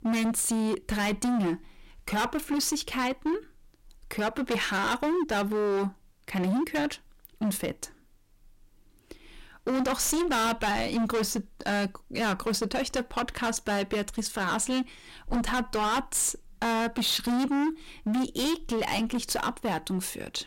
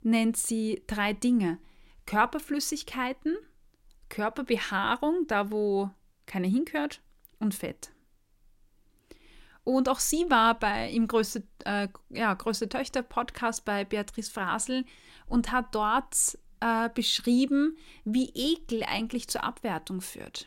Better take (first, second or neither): second